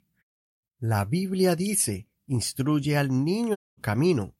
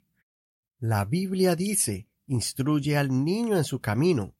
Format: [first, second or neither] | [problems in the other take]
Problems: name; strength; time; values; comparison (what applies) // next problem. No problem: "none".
second | audio cutting out; at 3.5 s